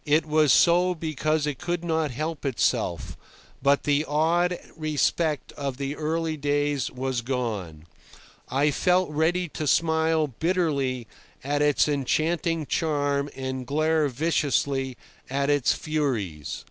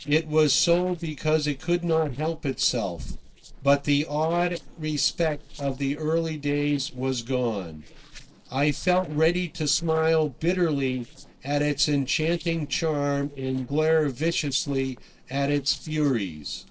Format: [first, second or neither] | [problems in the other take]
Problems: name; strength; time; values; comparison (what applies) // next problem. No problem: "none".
first | noise reduction (neural separator model SepFormer DNS4)